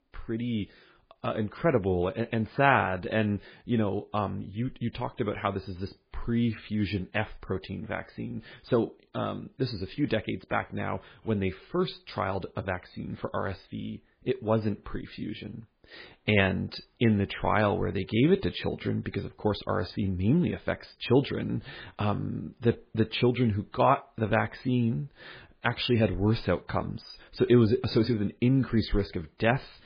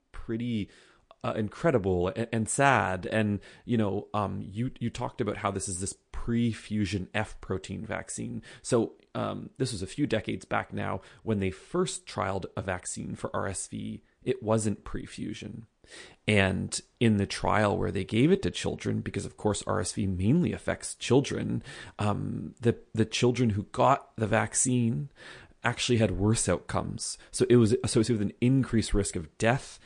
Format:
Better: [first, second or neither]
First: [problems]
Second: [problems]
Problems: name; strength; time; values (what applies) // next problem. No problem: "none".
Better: second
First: garbled, watery; badly; nothing above 5 kHz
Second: garbled, watery; slightly; nothing above 8.5 kHz